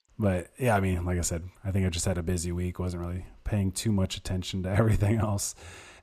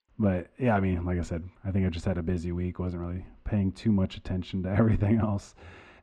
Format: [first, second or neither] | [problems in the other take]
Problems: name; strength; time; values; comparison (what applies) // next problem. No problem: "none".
first | muffled; slightly; fading above 2.5 kHz